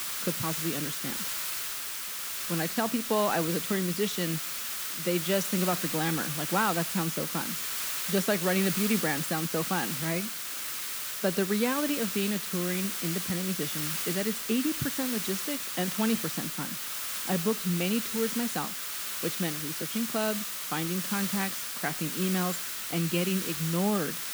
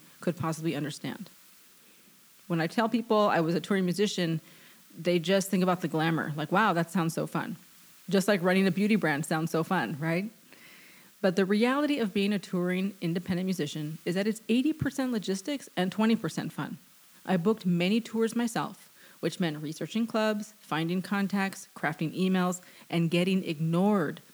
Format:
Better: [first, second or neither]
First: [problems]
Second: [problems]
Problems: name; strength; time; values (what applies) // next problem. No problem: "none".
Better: second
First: hiss; loud; throughout; as loud as the speech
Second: hiss; faint; throughout; 25 dB below the speech